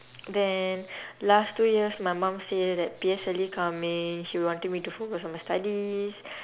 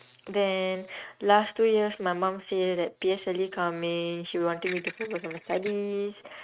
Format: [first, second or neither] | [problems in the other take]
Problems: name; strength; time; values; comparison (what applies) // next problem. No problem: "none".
first | noise reduction (neural mask model RNNoise)